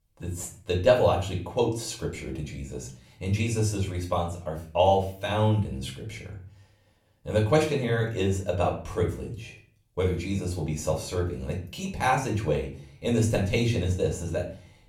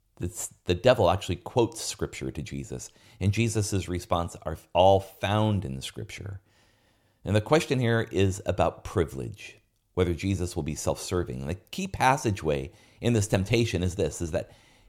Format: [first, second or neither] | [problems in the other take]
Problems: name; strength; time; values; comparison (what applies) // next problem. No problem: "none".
second | off-mic speech; far // room echo; slight; dies away in 0.4 s